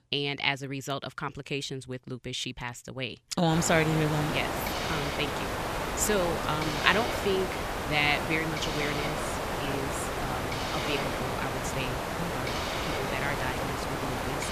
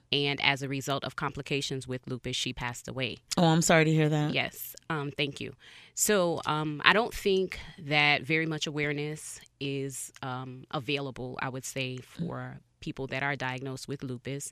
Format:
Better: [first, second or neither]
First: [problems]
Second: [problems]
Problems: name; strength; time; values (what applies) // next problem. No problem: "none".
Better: second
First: hiss; loud; from 3.5 s on; 1 dB below the speech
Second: none